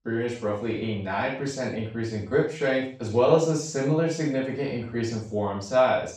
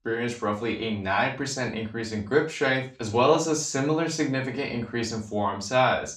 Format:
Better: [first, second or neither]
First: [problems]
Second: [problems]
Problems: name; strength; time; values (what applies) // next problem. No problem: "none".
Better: second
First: room echo; strong; dies away in 0.4 s // off-mic speech; far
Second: room echo; slight; dies away in 0.3 s // off-mic speech; far